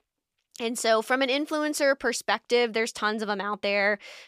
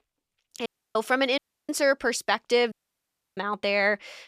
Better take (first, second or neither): first